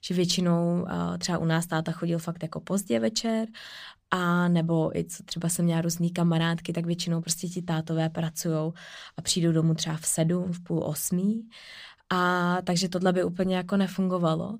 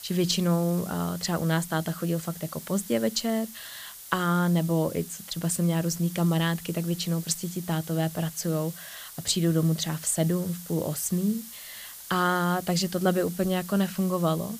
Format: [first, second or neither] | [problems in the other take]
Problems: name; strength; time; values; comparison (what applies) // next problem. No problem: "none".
first | hiss; noticeable; throughout; 15 dB below the speech